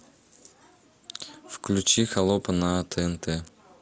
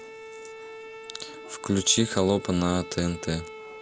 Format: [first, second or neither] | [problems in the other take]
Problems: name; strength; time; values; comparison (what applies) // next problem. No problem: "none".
first | background sound (Bowed string instrument); 14 dB below the speech